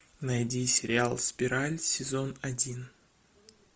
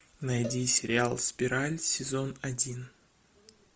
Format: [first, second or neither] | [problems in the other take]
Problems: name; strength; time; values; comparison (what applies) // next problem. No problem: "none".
first | background sound (Cowbell); 19 dB below the speech